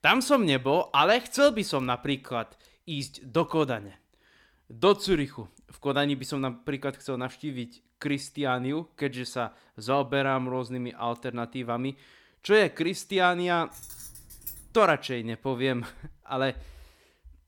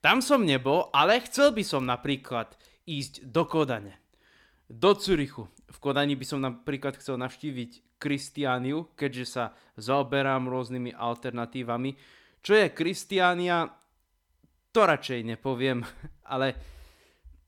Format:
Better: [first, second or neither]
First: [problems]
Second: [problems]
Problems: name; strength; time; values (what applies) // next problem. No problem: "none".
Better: second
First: jangling keys; faint; from 14 to 15 s; peak 10 dB below the speech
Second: none